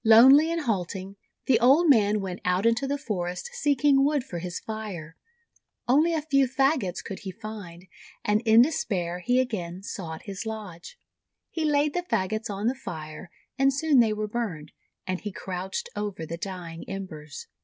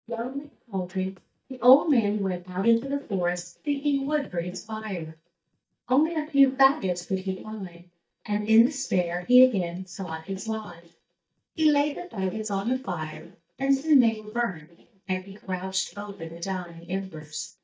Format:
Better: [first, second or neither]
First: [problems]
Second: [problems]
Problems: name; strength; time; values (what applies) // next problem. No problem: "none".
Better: first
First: none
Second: noise reduction (neural mask model DeepFilterNet 3)